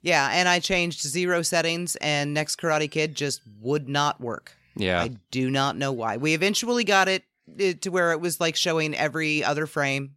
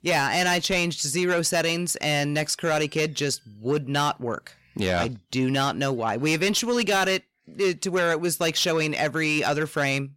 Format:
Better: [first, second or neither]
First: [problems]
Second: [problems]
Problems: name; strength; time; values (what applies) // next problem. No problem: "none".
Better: first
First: none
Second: distortion; slight; 10 dB below the speech